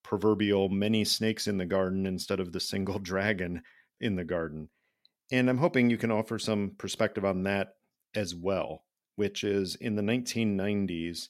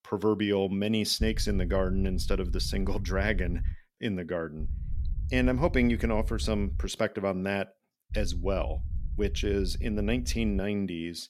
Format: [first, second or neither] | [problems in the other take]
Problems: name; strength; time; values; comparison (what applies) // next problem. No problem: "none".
first | low rumble; faint; from 1 to 3.5 s, from 4.5 to 7 s and from 8 to 11 s; 20 dB below the speech